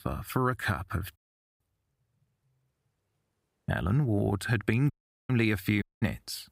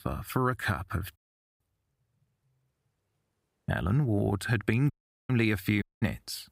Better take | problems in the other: neither | audio cutting out; at 1 s, at 5 s and at 6 s; the same in both

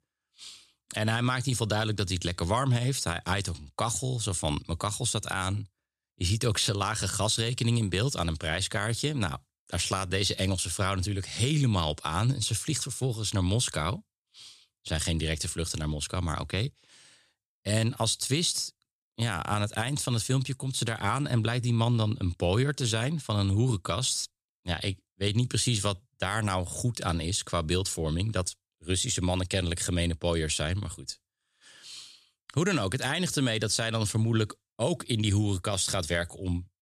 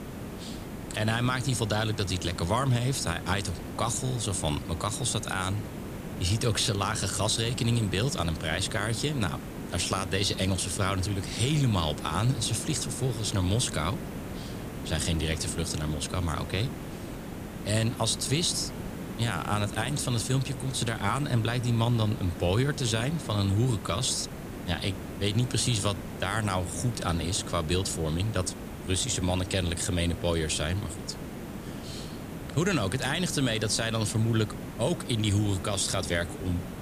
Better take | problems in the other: first | hiss; loud; throughout; 10 dB below the speech

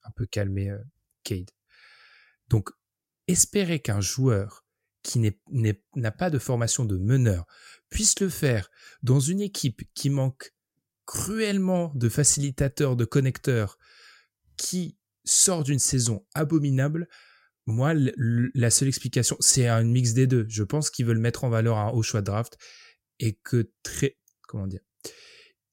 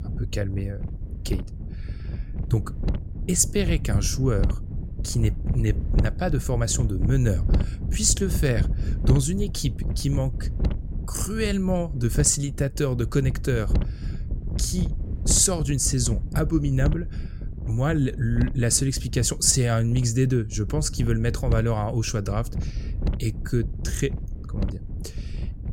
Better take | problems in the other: first | wind noise on the microphone; occasional gusts; 15 dB below the speech

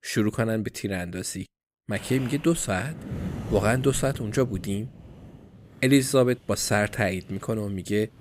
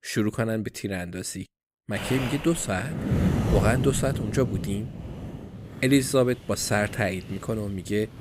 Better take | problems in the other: first | wind noise on the microphone; heavy; from 2 s on; 8 dB below the speech; occasional gusts in the first

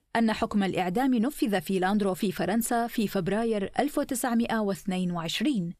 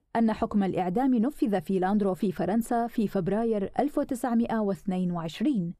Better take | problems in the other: first | muffled; slightly; fading above 1.5 kHz

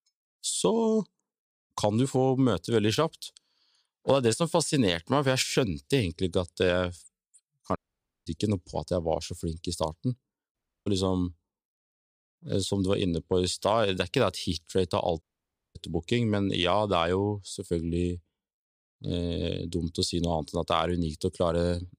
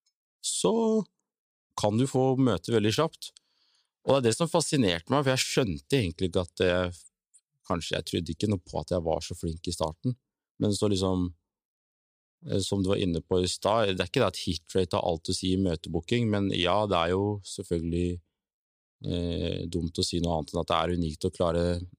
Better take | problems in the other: second | audio cutting out; at 8 s for 0.5 s, at 11 s and at 15 s for 0.5 s

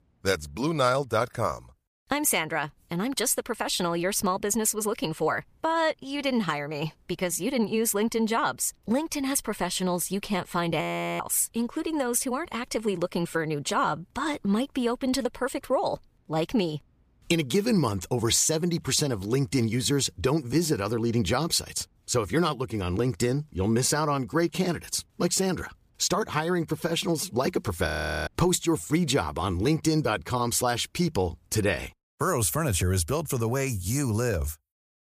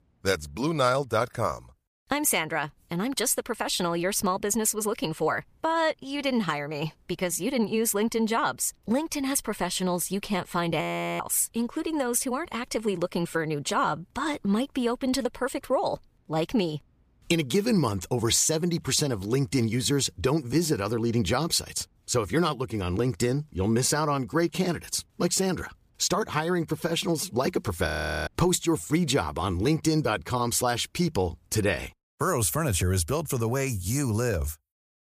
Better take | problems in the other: neither | audio freezing; at 11 s and at 28 s; the same in both

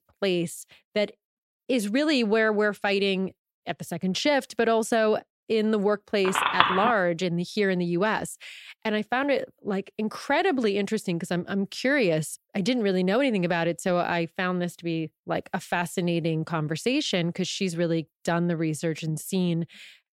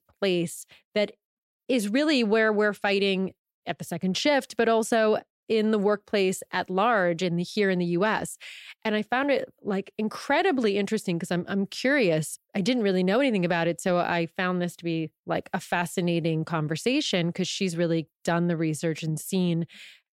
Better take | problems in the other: second | phone ringing; loud; at 6.5 s; peak 4 dB above the speech

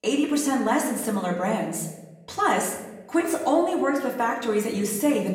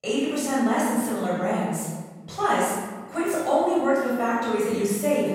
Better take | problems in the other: first | room echo; strong; dies away in 1.4 s; slight in the first // off-mic speech; far; far in the first

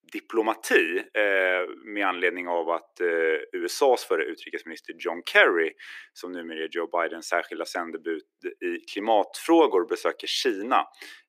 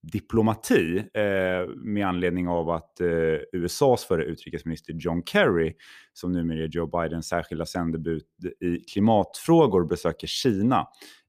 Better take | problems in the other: second | thin; very; fading below 300 Hz

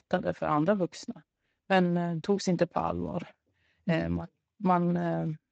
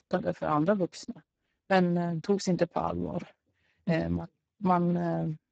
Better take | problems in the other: first | garbled, watery; badly; nothing above 7.5 kHz; slightly in the first

